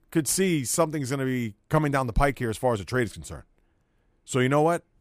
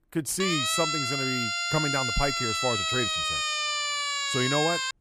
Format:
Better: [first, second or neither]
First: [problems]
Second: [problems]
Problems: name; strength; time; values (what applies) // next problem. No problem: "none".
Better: first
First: none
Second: siren; loud; peak 5 dB above the speech